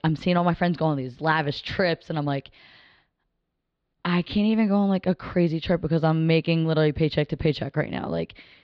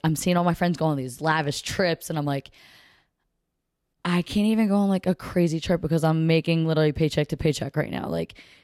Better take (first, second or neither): second